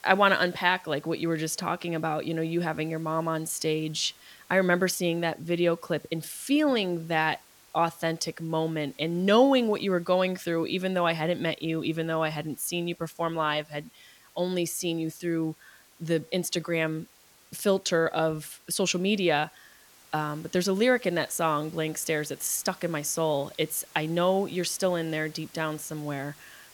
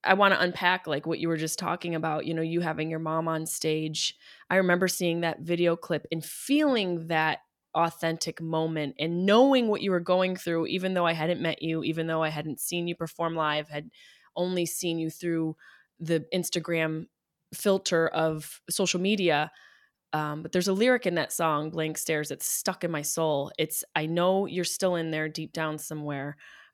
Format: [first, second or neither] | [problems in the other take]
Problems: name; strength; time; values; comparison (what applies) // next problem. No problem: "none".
second | hiss; faint; throughout; 25 dB below the speech